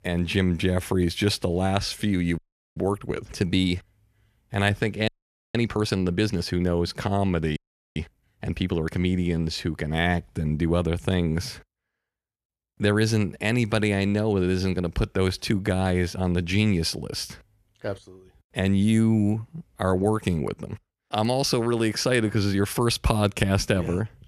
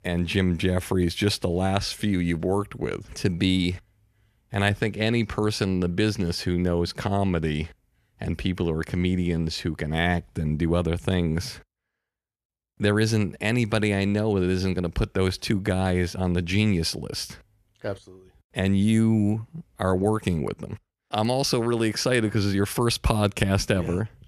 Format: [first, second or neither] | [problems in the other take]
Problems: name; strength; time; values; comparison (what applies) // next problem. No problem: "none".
second | audio freezing; at 2.5 s, at 5 s and at 7.5 s